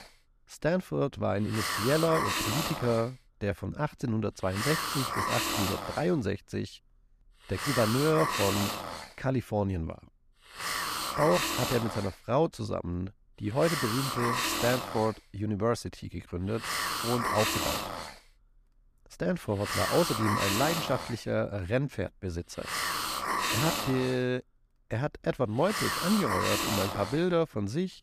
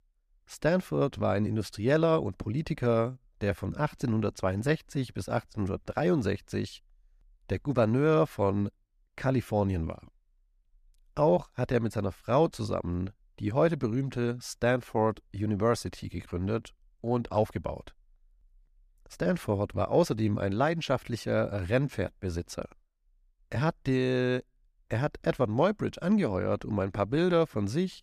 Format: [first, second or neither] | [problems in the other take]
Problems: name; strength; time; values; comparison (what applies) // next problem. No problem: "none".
second | hiss; loud; throughout; as loud as the speech